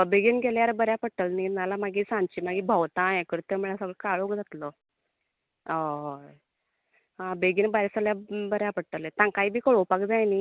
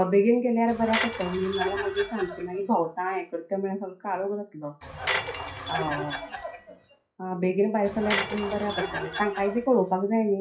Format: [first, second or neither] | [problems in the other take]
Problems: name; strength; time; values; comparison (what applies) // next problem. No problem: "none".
first | noise reduction (classical method WPE with log-MMSE)